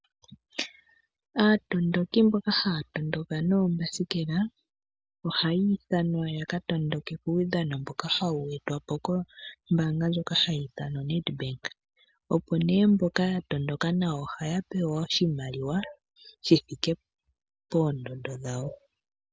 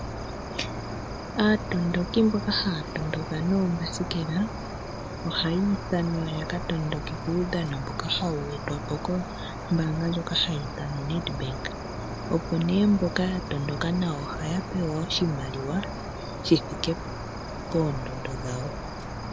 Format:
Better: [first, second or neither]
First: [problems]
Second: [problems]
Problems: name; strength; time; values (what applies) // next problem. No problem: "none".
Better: first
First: none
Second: background sound (Cricket); 6 dB below the speech